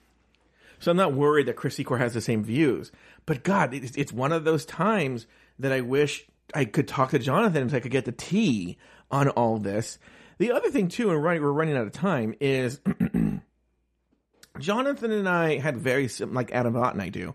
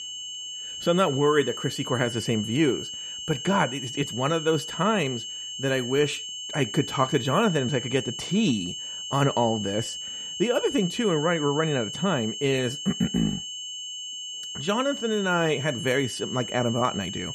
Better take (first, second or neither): first